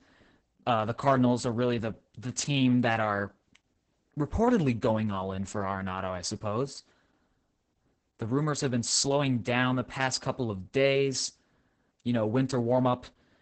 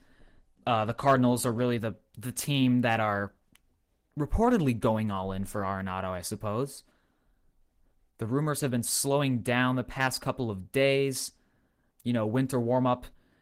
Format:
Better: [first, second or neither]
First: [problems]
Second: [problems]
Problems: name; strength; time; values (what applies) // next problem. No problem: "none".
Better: second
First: garbled, watery; badly; nothing above 8 kHz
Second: garbled, watery; slightly; nothing above 16 kHz